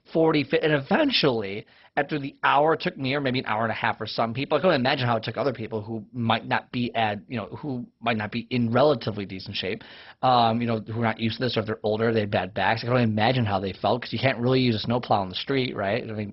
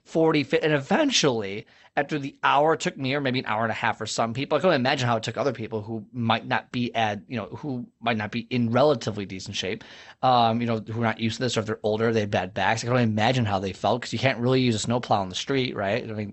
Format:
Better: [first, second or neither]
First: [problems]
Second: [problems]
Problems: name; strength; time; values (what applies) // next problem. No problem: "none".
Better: second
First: garbled, watery; badly; nothing above 5.5 kHz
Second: garbled, watery; slightly; nothing above 8 kHz